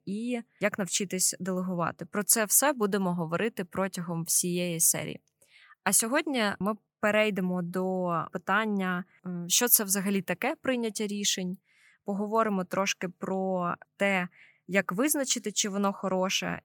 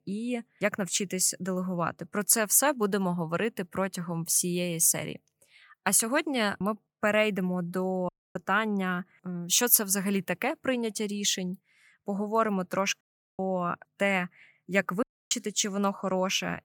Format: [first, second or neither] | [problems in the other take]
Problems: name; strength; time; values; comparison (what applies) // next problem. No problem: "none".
first | audio cutting out; at 8 s, at 13 s and at 15 s